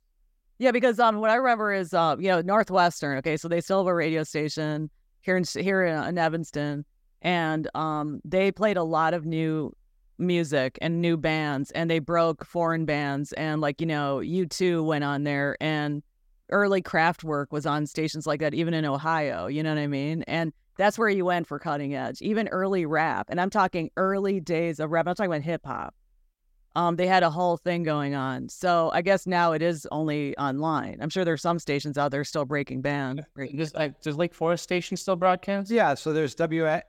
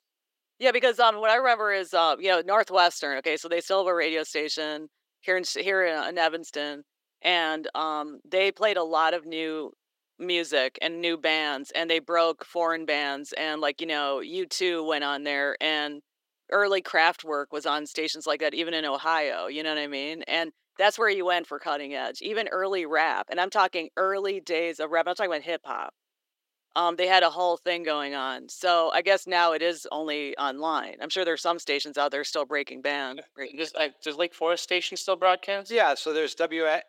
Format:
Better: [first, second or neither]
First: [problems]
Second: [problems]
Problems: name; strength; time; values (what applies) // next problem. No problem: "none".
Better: first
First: none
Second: thin; somewhat; fading below 350 Hz